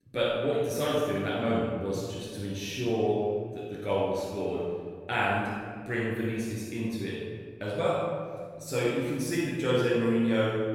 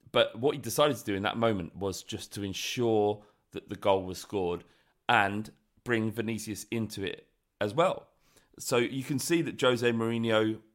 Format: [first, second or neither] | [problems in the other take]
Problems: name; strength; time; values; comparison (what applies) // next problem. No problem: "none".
second | off-mic speech; far // room echo; strong; dies away in 1.7 s